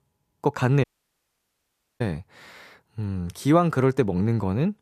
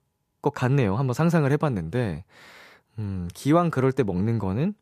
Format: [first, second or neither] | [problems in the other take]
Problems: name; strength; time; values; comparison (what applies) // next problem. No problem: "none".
second | audio cutting out; at 1 s for 1 s